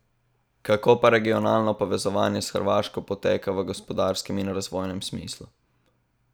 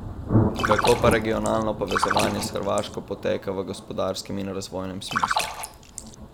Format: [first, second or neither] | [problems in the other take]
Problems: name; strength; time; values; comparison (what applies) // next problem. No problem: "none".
first | background sound (Splash, splatter + Thunder); 1 dB below the speech